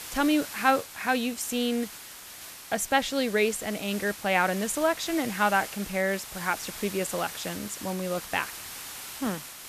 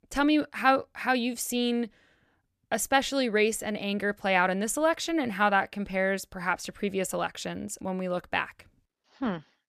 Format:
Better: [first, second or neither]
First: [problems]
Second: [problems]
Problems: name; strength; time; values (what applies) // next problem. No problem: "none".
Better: second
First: hiss; noticeable; throughout; 10 dB below the speech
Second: none